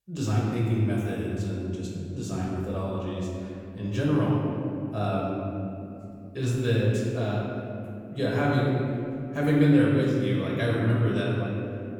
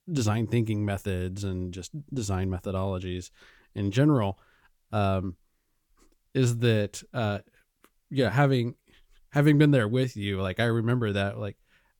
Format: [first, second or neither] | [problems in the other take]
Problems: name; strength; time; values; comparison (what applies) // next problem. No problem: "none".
second | room echo; strong; dies away in 2.7 s // off-mic speech; far